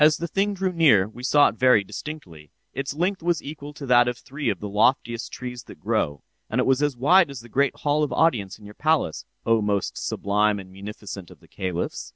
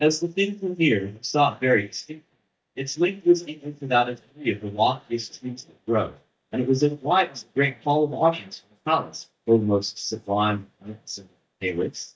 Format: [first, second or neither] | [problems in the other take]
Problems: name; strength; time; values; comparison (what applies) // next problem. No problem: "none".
first | noise reduction (neural mask model DeepFilterNet 3)